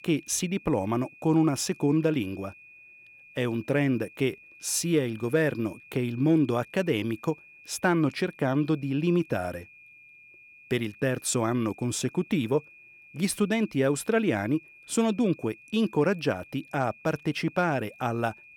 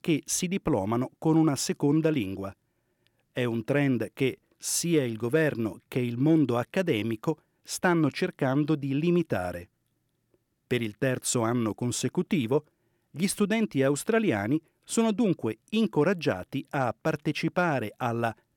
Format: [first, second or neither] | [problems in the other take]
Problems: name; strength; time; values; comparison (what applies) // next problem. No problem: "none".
second | high-pitched whine; faint; throughout; 2.5 kHz, 25 dB below the speech